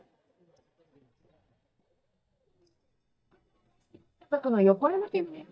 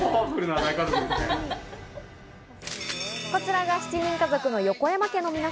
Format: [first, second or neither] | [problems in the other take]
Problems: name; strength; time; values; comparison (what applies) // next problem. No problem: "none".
second | noise reduction (neural mask model DeepFilterNet 3)